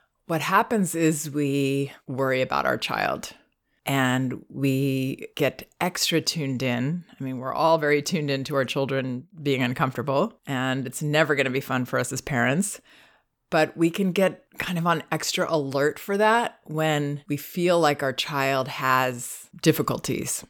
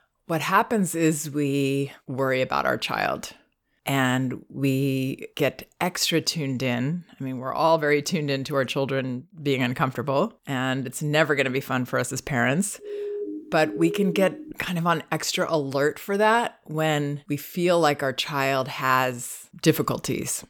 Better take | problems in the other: first | siren; noticeable; from 13 to 15 s; peak 6 dB below the speech

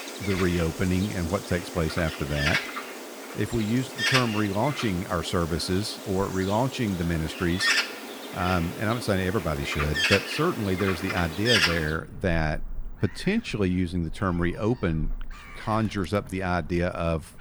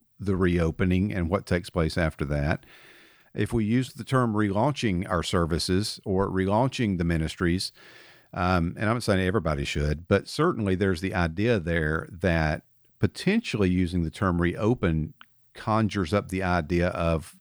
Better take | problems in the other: second | animal sounds; loud; throughout; 2 dB below the speech

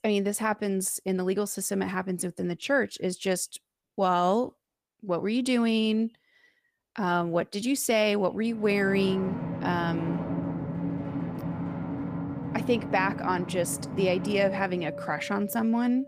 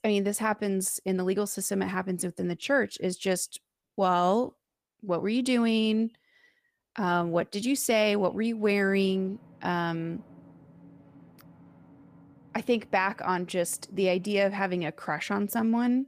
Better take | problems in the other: second | background music; loud; from 8.5 s on; 7 dB below the speech; faint in the second

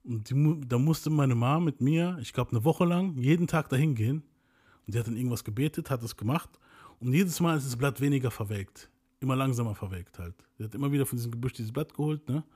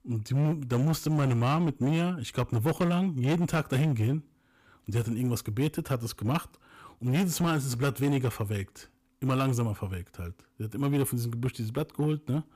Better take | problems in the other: first | distortion; slight; 12% of the sound clipped

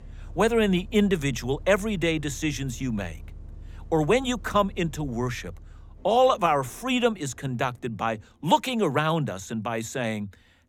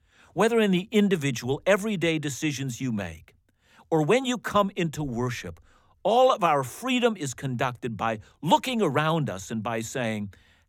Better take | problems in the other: second | traffic noise; noticeable; throughout; 20 dB below the speech

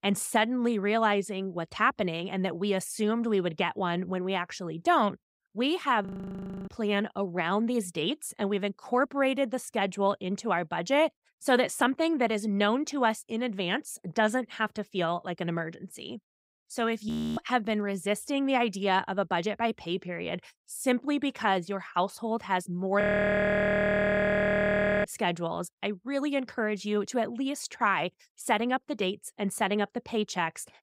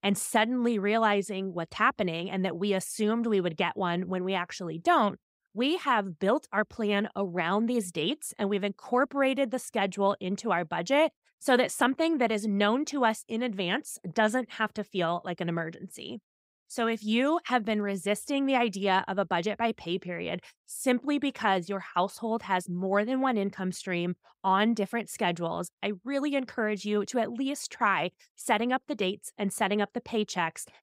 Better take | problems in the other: second | audio freezing; at 6 s for 0.5 s, at 17 s and at 23 s for 2 s

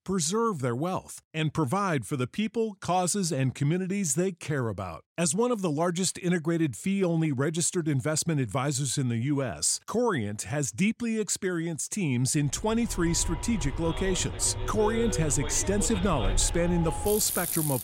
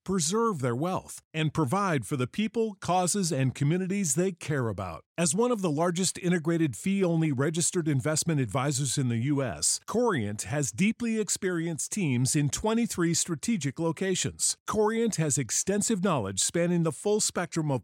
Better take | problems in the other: second | traffic noise; loud; from 13 s on; 6 dB below the speech

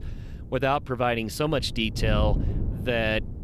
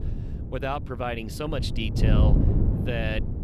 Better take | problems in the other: first | wind noise on the microphone; heavy; 4 dB below the speech; occasional gusts in the first

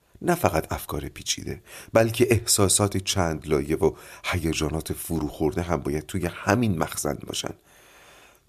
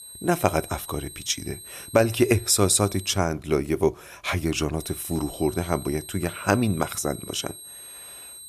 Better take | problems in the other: first | high-pitched whine; noticeable; until 3 s and from 5 s on; 8.5 kHz, 15 dB below the speech

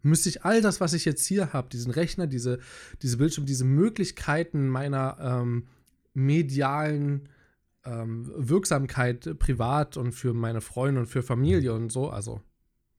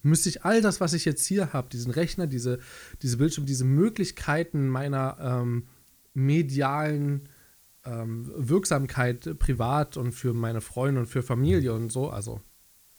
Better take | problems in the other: first | hiss; faint; throughout; 25 dB below the speech

